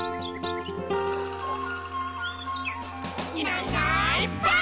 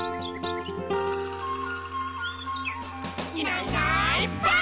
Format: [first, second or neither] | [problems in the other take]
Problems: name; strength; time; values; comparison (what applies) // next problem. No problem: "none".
second | background sound (Squeak + Bark); 19 dB below the speech